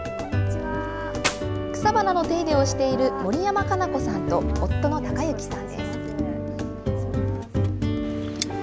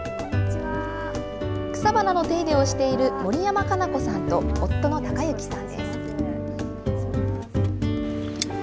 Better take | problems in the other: second | background sound (Clapping); 4 dB below the speech

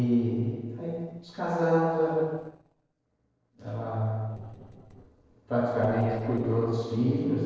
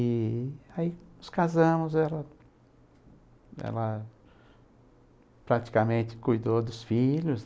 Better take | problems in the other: second | noise reduction (neural separator model SepFormer DNS4)

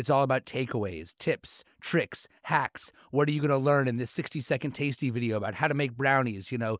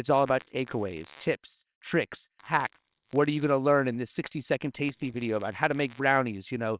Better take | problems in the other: first | noise reduction (neural separator model SepFormer WHAMR!)

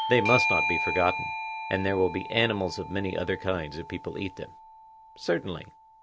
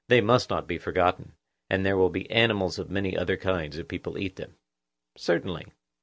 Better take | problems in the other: second | background sound (Bell / Doorbell); 4 dB below the speech

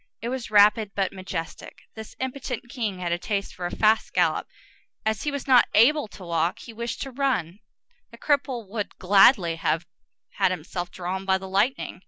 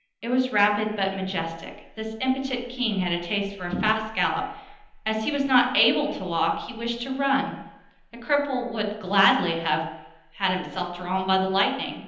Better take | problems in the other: first | room echo; dies away in 0.9 s

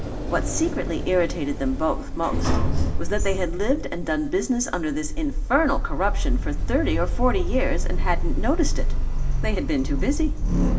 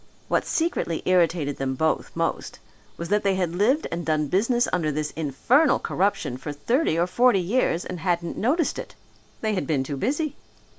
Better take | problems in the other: second | background sound (Sliding door); 3 dB above the speech // room echo; dies away in 0.5 s

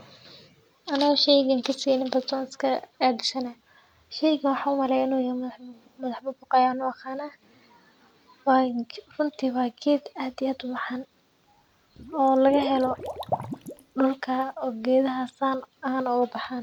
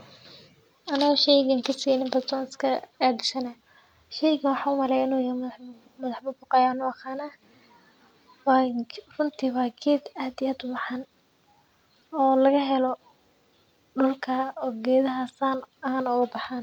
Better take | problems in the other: second | background sound (Liquid); 11 dB below the speech

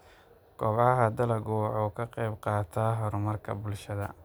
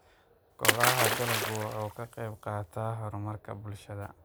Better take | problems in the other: first | background sound (Splash, splatter); 4 dB above the speech

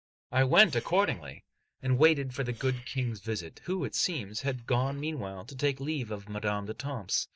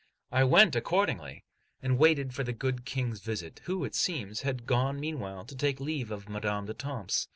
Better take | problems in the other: second | noise reduction (neural mask model DeepFilterNet 3)

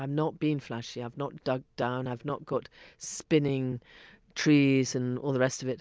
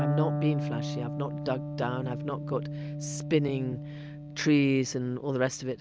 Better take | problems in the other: first | background sound (Electric guitar); 4 dB below the speech

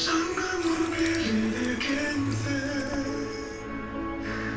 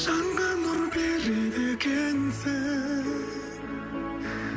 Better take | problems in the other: second | background sound (Water tap, faucet); 12 dB below the speech // room echo; dies away in 0.3 s

